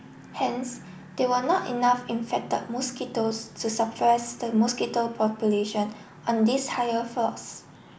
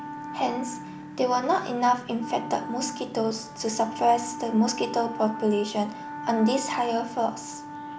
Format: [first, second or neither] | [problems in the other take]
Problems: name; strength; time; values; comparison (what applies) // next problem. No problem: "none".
first | background sound (Wind instrument, woodwind instrument); 11 dB below the speech